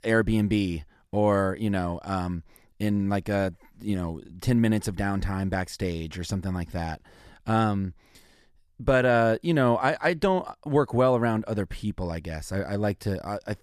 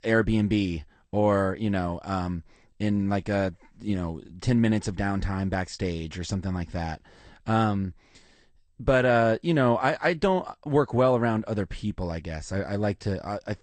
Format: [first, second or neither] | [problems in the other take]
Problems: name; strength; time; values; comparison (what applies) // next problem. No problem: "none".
first | garbled, watery; slightly; nothing above 8.5 kHz